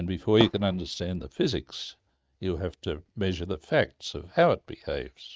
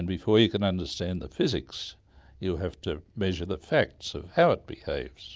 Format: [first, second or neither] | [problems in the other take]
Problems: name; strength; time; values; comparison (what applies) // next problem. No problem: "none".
second | noise reduction (neural mask model RNNoise)